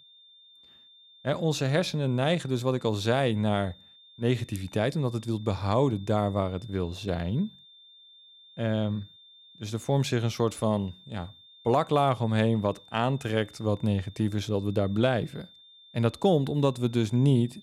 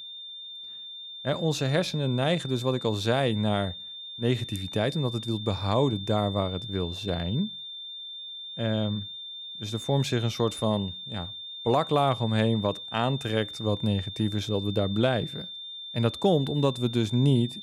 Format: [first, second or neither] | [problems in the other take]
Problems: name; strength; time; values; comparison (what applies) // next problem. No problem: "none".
first | high-pitched whine; loud; throughout; 3.5 kHz, 9 dB below the speech; faint in the first